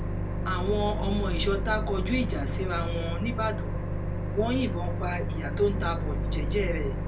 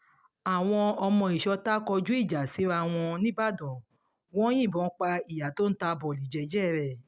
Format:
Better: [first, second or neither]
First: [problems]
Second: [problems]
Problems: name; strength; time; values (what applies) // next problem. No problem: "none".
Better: second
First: background sound (Microwave oven); 2 dB above the speech // room echo; dies away in 0.2 s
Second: none